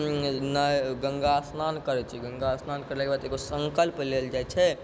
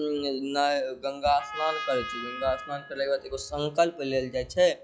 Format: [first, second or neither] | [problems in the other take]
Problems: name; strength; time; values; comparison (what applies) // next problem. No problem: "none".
first | noise reduction (classical method log-MMSE)